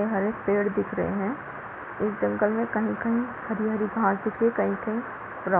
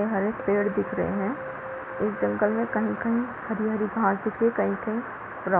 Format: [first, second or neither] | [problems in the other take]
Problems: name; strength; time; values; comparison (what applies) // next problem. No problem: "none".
first | background sound (Keyboard (musical)); 13 dB below the speech